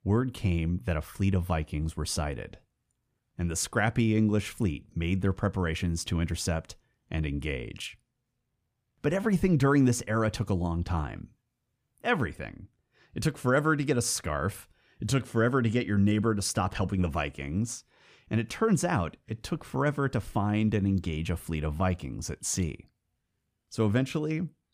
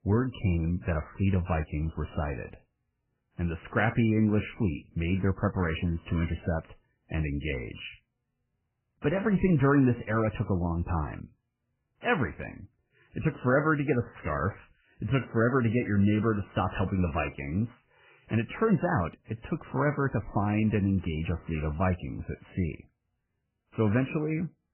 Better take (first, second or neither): first